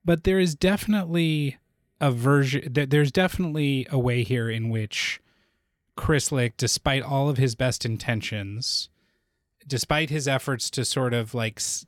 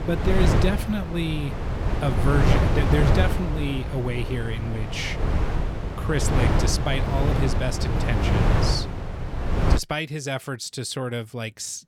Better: first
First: none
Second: wind noise on the microphone; heavy; until 10 s; as loud as the speech

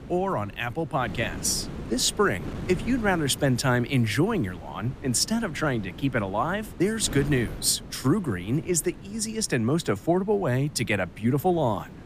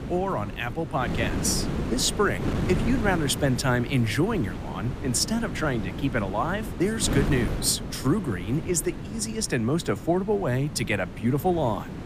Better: first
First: wind noise on the microphone; occasional gusts; 20 dB below the speech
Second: wind noise on the microphone; heavy; 10 dB below the speech

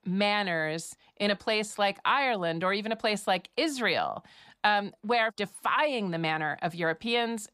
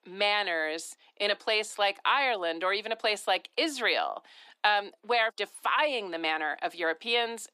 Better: first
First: none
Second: thin; somewhat; fading below 300 Hz

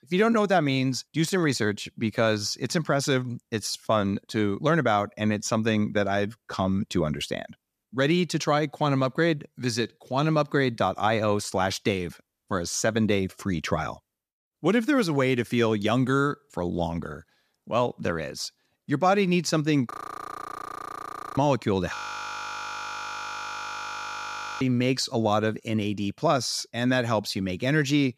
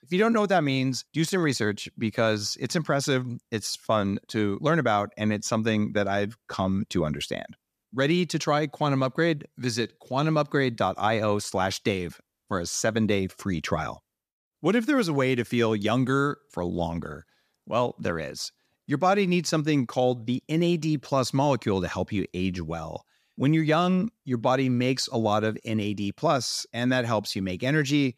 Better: second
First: audio freezing; at 20 s for 1.5 s and at 22 s for 2.5 s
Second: none

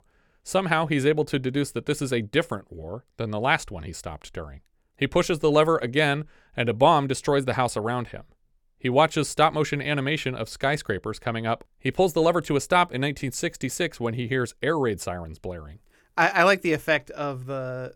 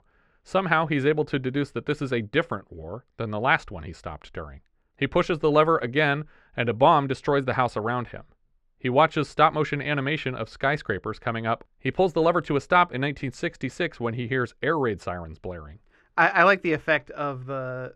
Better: first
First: none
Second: muffled; slightly; fading above 3.5 kHz

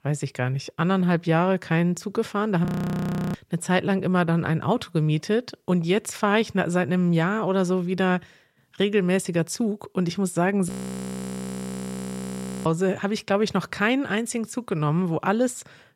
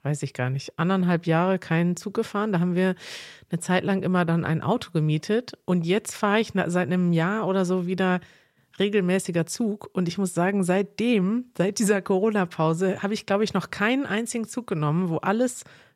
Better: second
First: audio freezing; at 2.5 s for 0.5 s and at 11 s for 2 s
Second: none

